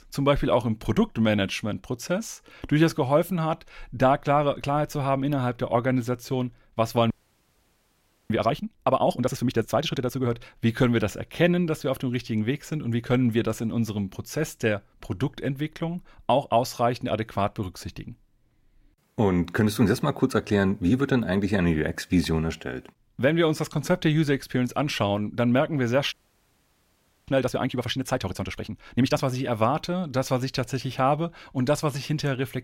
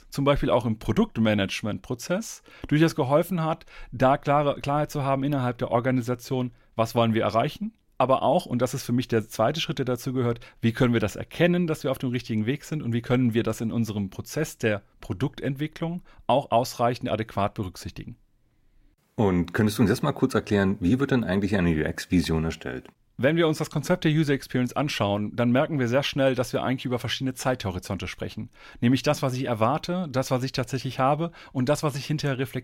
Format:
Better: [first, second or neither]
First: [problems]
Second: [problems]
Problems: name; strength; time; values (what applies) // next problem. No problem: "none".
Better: second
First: audio freezing; at 7 s for 1 s and at 26 s for 1 s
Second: none